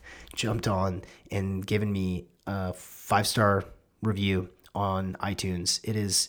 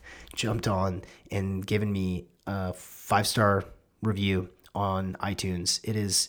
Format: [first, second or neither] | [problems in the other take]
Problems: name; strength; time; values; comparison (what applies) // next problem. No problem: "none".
neither | none